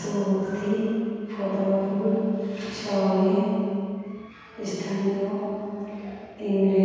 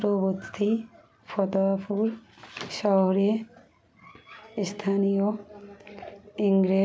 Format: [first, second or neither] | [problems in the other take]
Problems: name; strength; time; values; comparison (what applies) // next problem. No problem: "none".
second | room echo; dies away in 2.1 s